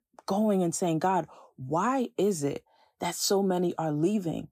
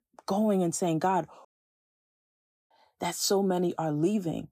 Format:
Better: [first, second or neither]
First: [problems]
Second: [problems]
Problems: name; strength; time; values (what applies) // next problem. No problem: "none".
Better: first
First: none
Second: audio cutting out; at 1.5 s for 1.5 s